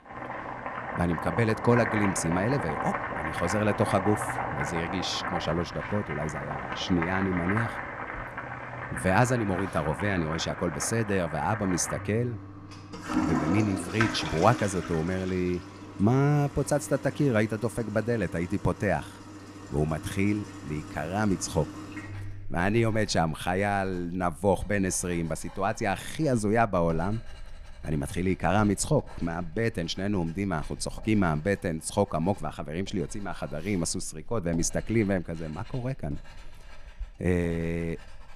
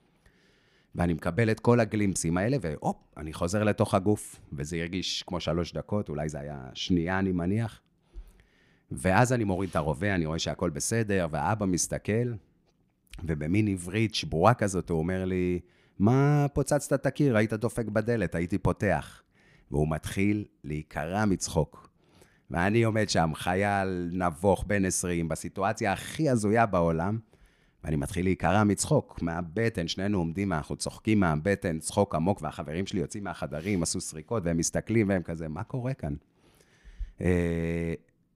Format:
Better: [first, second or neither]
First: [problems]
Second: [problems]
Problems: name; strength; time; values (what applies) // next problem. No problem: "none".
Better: second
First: household noises; loud; throughout; 7 dB below the speech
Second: none